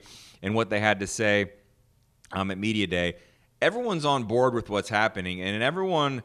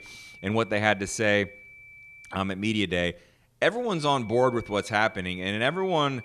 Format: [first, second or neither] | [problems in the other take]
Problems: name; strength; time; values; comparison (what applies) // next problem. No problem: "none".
first | high-pitched whine; noticeable; until 2.5 s and from 4 s on; 2.5 kHz, 20 dB below the speech